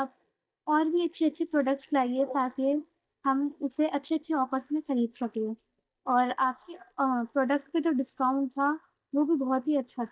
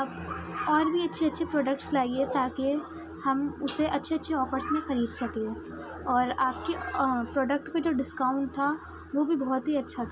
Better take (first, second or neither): second